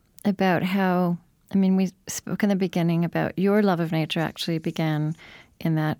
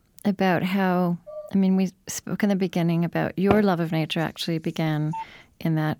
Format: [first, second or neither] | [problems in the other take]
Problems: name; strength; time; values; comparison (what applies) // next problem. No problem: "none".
first | clattering dishes; faint; at 1.5 s; peak 15 dB below the speech // door banging; noticeable; at 3.5 s; peak 4 dB below the speech // phone ringing; faint; at 5 s; peak 15 dB below the speech